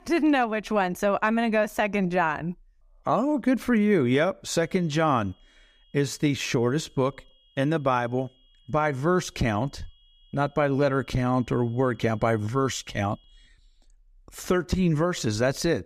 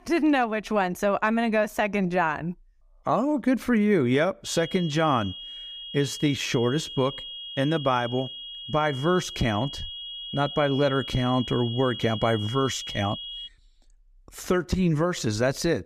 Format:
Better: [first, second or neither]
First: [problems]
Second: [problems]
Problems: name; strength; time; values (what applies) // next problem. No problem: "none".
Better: first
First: high-pitched whine; faint; from 4.5 to 13 s; 3.5 kHz, 35 dB below the speech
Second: high-pitched whine; loud; from 4.5 to 13 s; 3.5 kHz, 10 dB below the speech